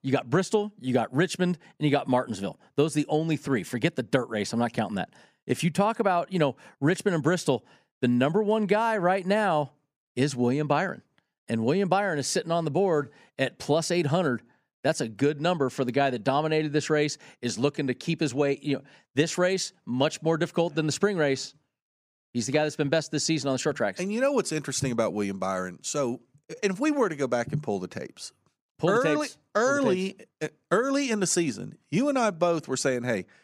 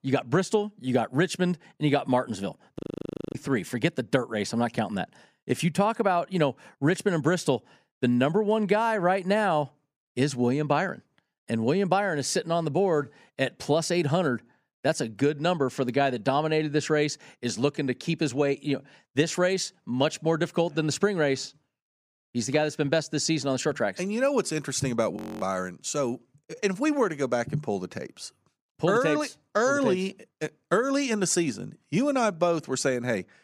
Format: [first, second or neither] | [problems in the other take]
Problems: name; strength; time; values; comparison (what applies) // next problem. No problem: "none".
first | audio freezing; at 3 s for 0.5 s and at 25 s